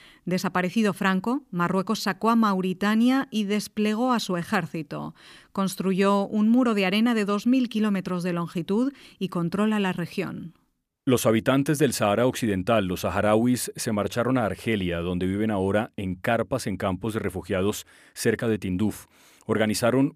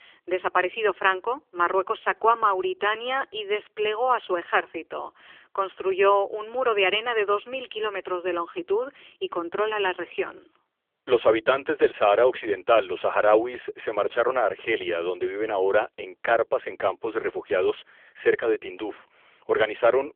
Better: first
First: none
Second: phone-call audio; poor line; nothing above 3.5 kHz

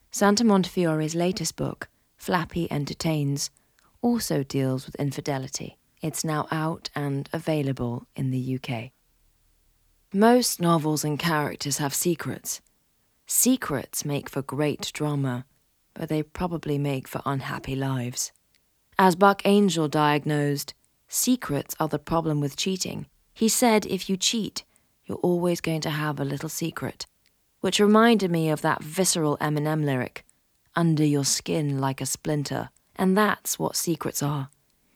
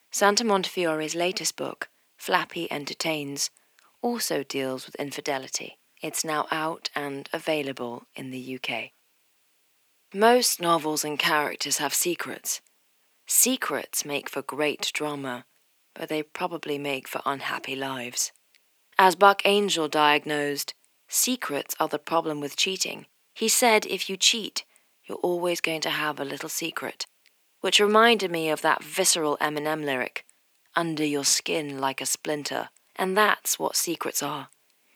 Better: first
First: none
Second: thin; somewhat; fading below 400 Hz

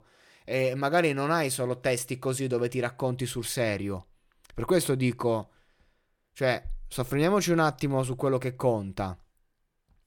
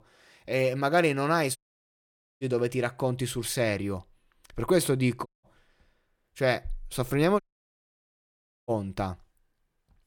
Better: first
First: none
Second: audio cutting out; at 1.5 s for 1 s, at 5.5 s and at 7.5 s for 1.5 s

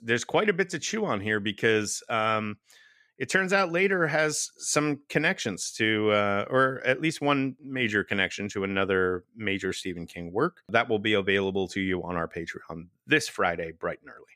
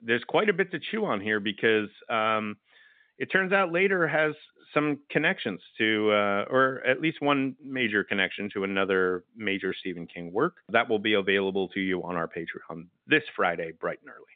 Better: first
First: none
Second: phone-call audio; nothing above 3.5 kHz

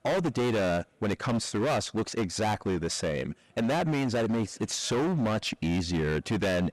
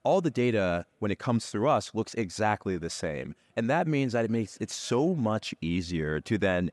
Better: second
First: distortion; heavy; 24% of the sound clipped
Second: none

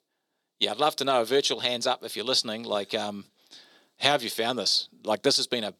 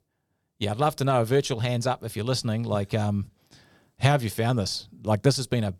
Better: second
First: thin; somewhat; fading below 300 Hz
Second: none

